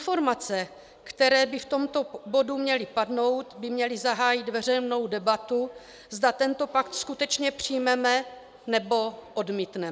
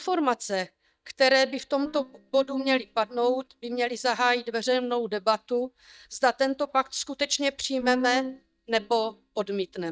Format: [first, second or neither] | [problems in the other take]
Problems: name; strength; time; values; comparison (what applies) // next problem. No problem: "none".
first | noise reduction (neural mask model DeepFilterNet 3)